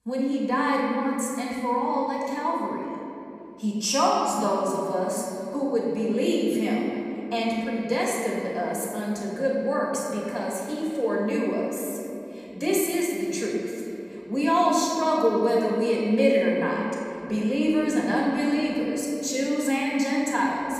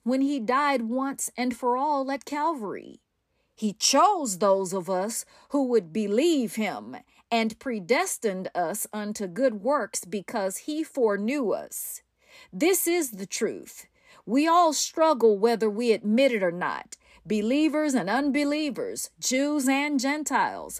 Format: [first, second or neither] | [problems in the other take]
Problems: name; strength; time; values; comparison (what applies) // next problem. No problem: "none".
second | room echo; noticeable; dies away in 2.6 s // off-mic speech; far